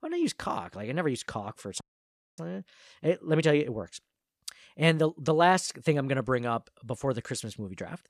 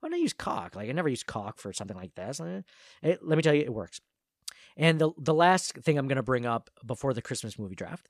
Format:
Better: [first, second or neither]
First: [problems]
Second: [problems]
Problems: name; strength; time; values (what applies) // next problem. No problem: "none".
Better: second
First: audio cutting out; at 2 s for 0.5 s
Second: none